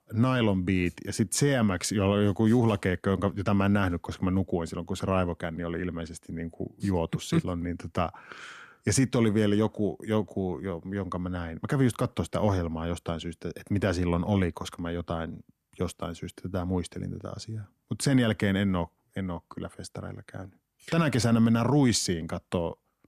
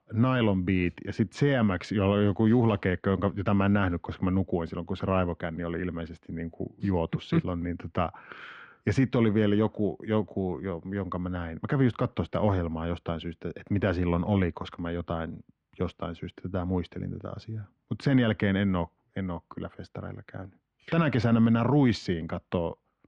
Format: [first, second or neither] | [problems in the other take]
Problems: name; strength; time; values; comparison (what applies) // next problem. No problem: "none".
first | muffled; slightly; fading above 3.5 kHz